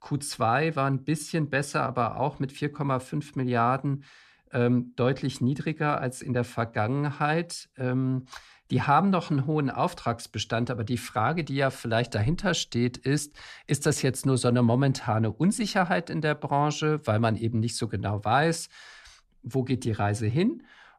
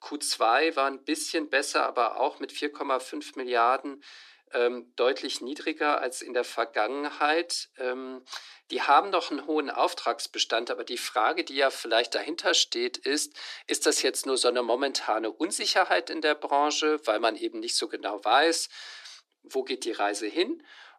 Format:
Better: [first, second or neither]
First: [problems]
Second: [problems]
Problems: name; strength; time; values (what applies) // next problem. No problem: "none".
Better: first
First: none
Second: thin; very; fading below 300 Hz